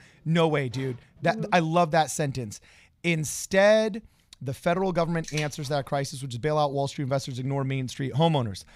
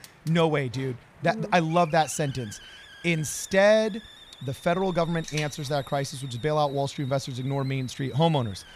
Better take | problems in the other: first | hiss; faint; throughout; 20 dB below the speech

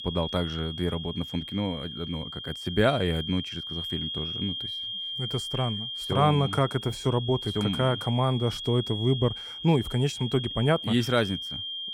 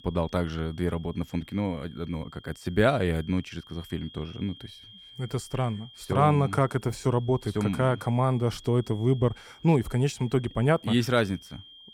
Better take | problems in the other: second | high-pitched whine; loud; throughout; 3 kHz, 6 dB below the speech; faint in the second

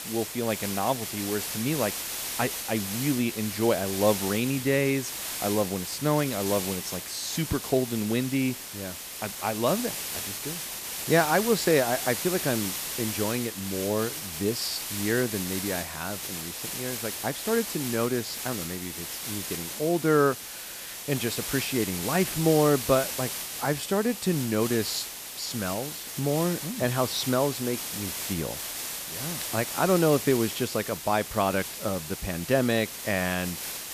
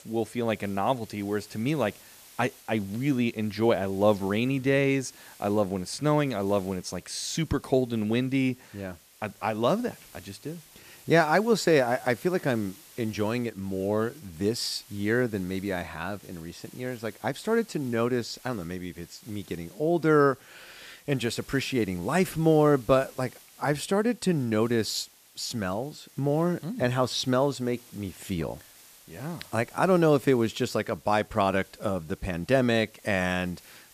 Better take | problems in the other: second | hiss; loud; throughout; 5 dB below the speech; faint in the second

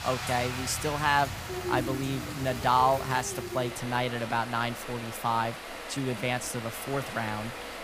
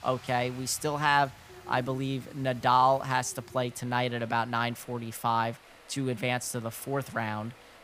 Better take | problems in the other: second | rain or running water; loud; throughout; 7 dB below the speech; faint in the second

